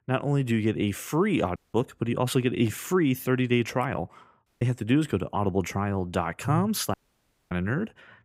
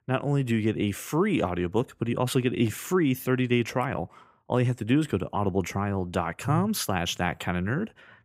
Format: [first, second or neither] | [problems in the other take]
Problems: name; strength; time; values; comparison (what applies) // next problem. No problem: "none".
second | audio cutting out; at 1.5 s, at 4.5 s and at 7 s for 0.5 s